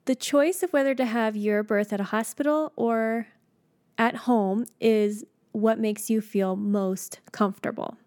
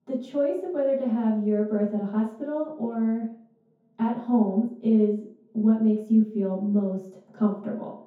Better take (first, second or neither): first